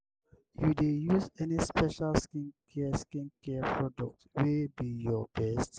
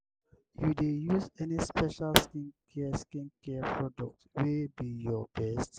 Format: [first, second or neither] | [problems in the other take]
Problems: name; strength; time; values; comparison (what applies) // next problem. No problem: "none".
first | background sound (Explosion); 2 dB above the speech